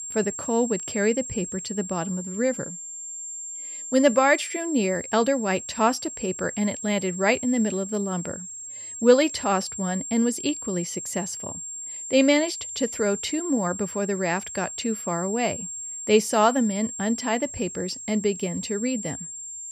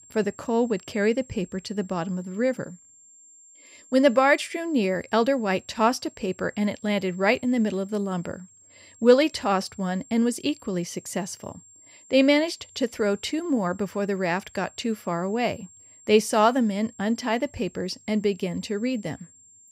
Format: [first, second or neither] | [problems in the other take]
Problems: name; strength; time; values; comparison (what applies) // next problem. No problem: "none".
second | high-pitched whine; loud; throughout; 7.5 kHz, 8 dB below the speech; faint in the second